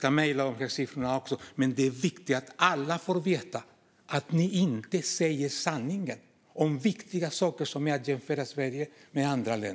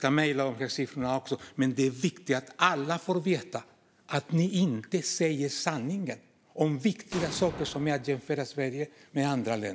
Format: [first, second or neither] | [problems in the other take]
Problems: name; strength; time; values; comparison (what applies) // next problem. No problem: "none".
first | background sound (Explosion); 14 dB below the speech